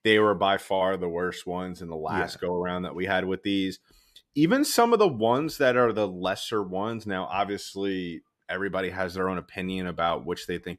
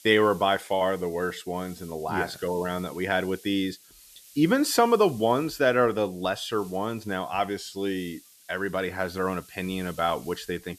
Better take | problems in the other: first | hiss; faint; throughout; 20 dB below the speech

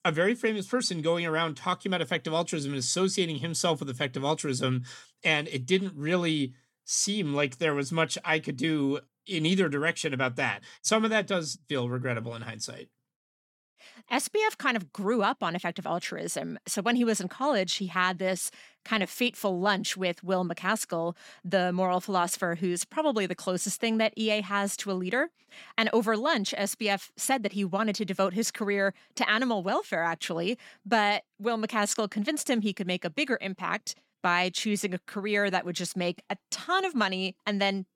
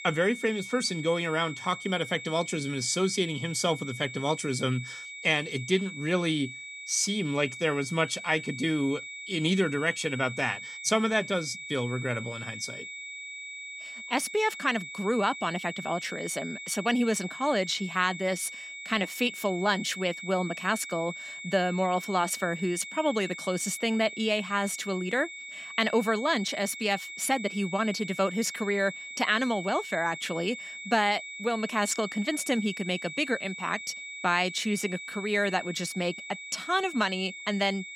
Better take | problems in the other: first | high-pitched whine; loud; throughout; 2.5 kHz, 10 dB below the speech

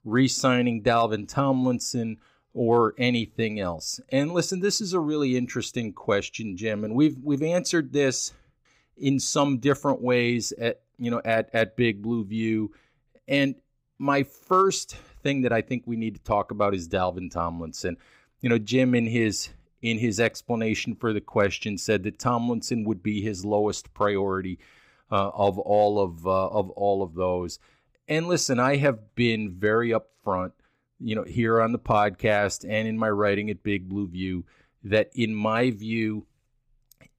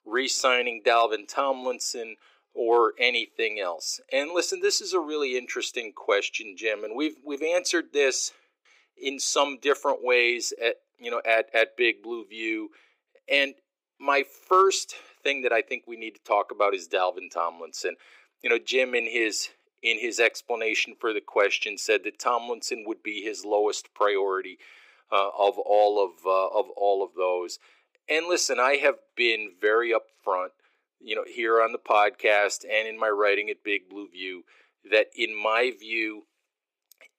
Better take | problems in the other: first | thin; very; fading below 350 Hz

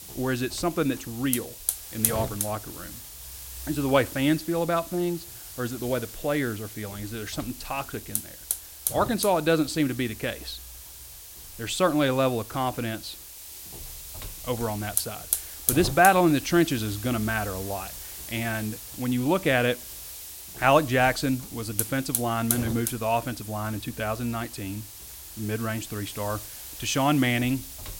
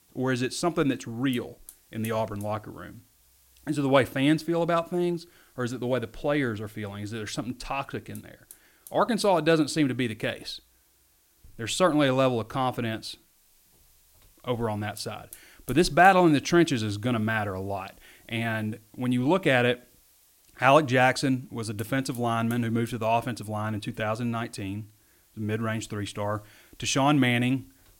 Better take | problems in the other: second | hiss; loud; throughout; 7 dB below the speech; faint in the second

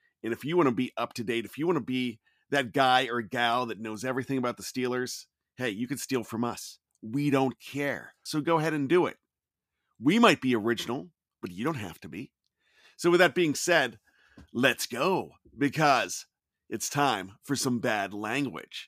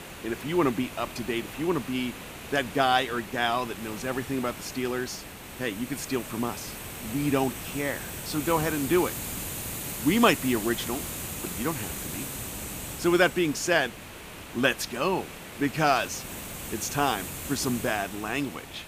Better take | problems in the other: first | hiss; loud; throughout; 8 dB below the speech

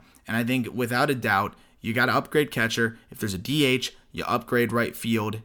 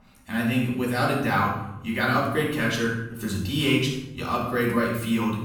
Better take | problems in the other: first | off-mic speech; far // room echo; noticeable; dies away in 0.9 s

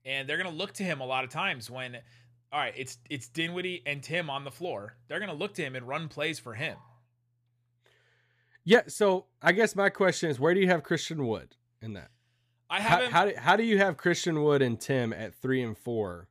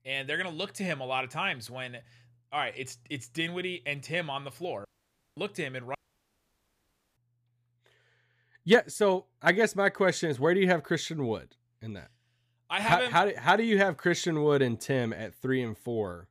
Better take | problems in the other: first | audio cutting out; at 5 s for 0.5 s and at 6 s for 1 s

